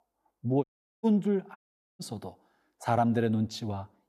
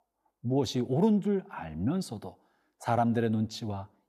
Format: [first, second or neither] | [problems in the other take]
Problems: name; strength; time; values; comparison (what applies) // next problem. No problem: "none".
second | audio cutting out; at 0.5 s and at 1.5 s